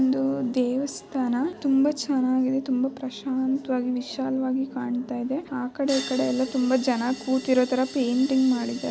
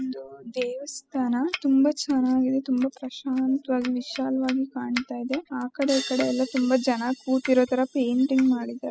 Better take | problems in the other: first | noise reduction (classical method spectral subtraction)

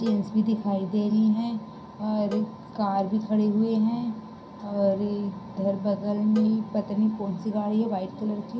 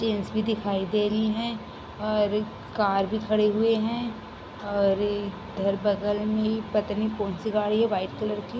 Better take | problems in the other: second | background sound (Cowbell); 19 dB below the speech // room echo; dies away in 0.3 s

